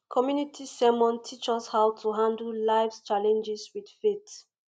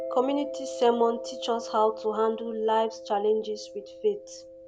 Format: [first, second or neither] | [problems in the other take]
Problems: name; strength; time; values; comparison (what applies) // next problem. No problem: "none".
first | background sound (Mallet percussion); 11 dB below the speech